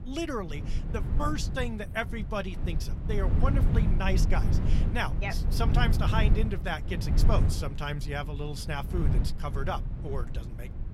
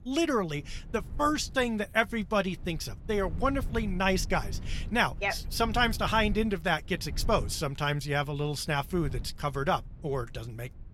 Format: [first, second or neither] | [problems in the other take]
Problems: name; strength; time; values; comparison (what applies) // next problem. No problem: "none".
second | low rumble; loud; throughout; 8 dB below the speech; faint in the second